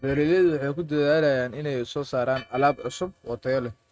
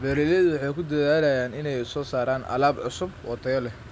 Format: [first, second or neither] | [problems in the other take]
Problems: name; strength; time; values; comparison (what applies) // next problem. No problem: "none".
second | noise reduction (neural mask model RNNoise)